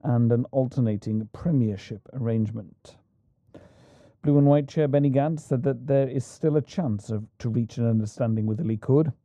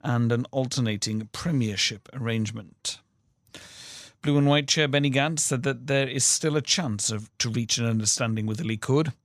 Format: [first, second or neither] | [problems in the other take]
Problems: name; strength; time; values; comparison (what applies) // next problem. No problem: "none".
second | muffled; very; fading above 1.5 kHz